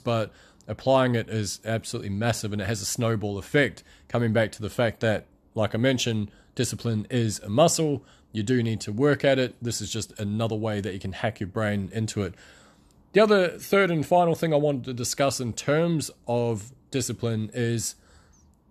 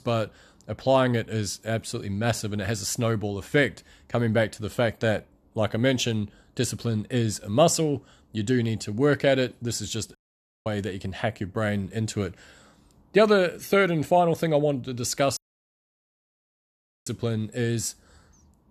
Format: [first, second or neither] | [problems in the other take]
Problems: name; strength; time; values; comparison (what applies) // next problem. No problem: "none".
first | audio cutting out; at 10 s for 0.5 s and at 15 s for 1.5 s